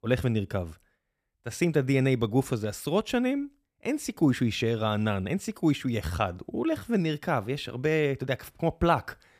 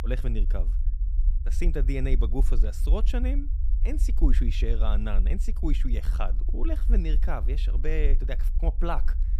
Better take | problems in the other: first | low rumble; noticeable; throughout; 15 dB below the speech

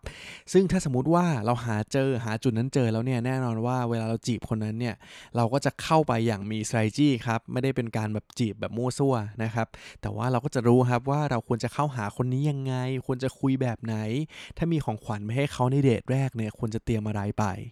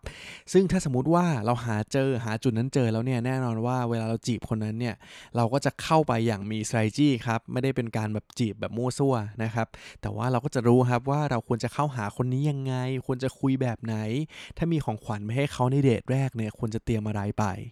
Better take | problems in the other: neither | none

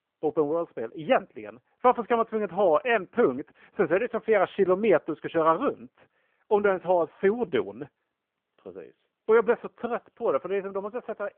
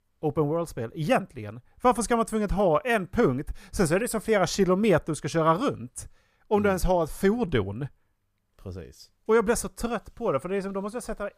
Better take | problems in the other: second | phone-call audio

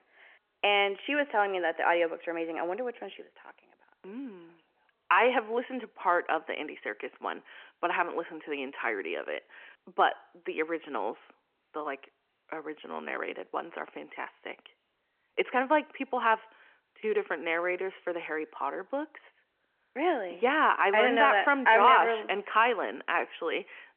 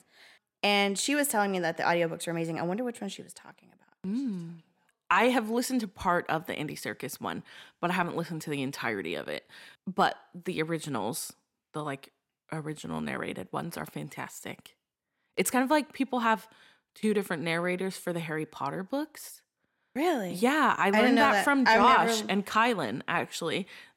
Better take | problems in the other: second | phone-call audio; nothing above 3 kHz

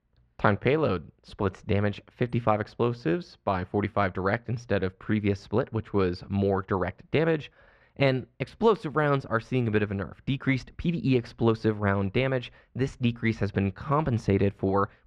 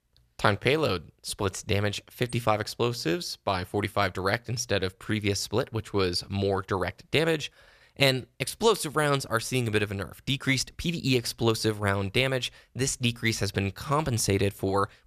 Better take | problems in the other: second | muffled; very; fading above 2 kHz

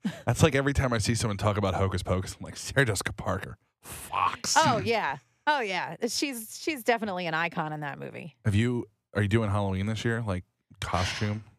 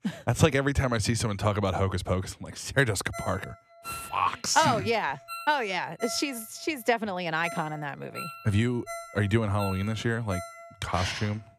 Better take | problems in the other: first | phone ringing; faint; from 3 to 11 s; peak 10 dB below the speech

